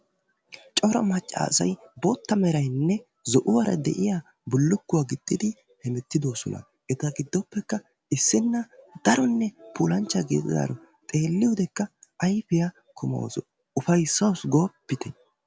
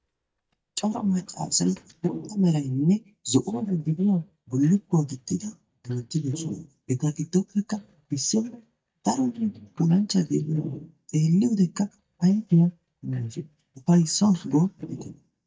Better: first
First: none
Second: noise reduction (neural mask model DeepFilterNet 3)

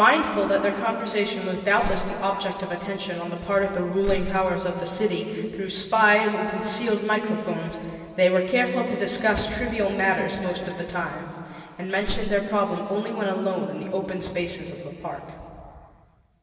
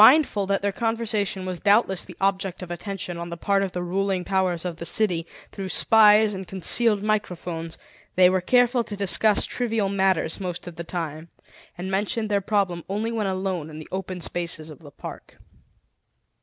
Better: second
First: background sound (Slam); 8 dB below the speech // room echo; dies away in 2.6 s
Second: none

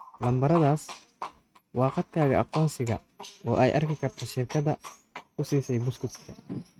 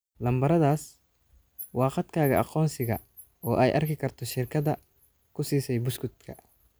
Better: second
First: noise reduction (neural mask model RNNoise)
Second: none

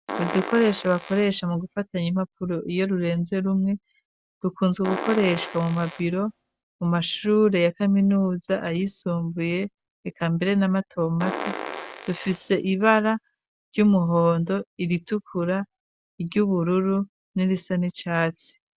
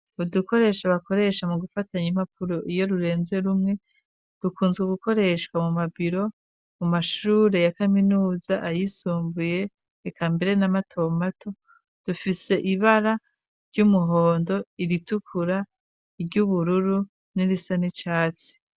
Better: second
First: background sound (Fart); 10 dB below the speech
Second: none

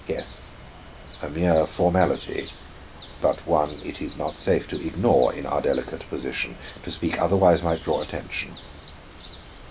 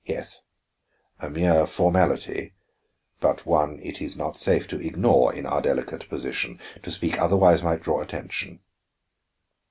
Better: second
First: background sound (Bird); 17 dB below the speech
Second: none

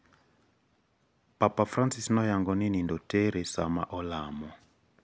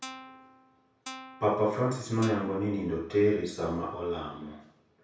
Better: first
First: none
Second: background sound (Guitar); 16 dB below the speech // room echo; dies away in 0.6 s

